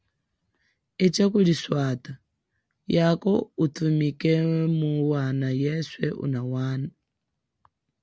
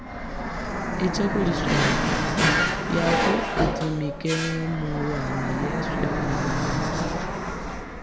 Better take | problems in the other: first | background sound (Drawer open or close + Fixed-wing aircraft, airplane); 4 dB above the speech

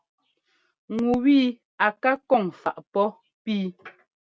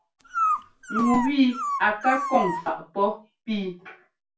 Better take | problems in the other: first | background sound (Dog); 3 dB below the speech // room echo; dies away in 0.2 s

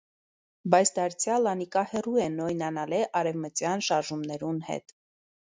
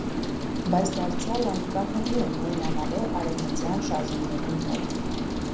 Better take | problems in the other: first | background sound (Rain); 2 dB above the speech // room echo; dies away in 0.6 s

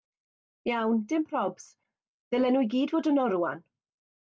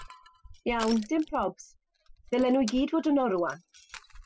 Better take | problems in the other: first | noise reduction (classical method spectral subtraction)

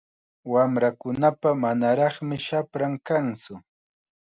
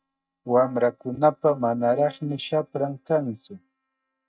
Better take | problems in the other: first | noise reduction (neural mask model DeepFilterNet 3)

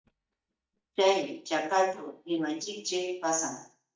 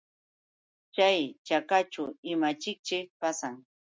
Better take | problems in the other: second | noise reduction (neural mask model DeepFilterNet 3)

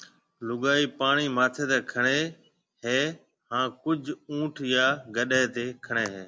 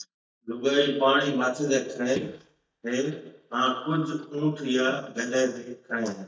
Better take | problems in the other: first | noise reduction (neural mask model DeepFilterNet 3)

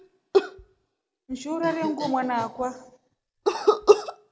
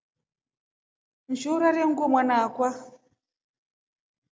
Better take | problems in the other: second | background sound (Cough); 4 dB above the speech

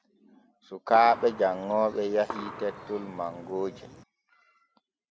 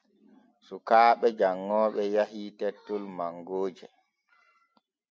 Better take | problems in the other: second | background sound (Gunshot, gunfire); 13 dB below the speech

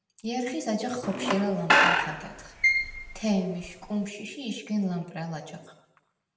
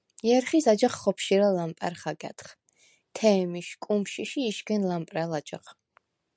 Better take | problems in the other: second | background sound (Squeak / Screech); 4 dB above the speech // room echo; dies away in 0.8 s

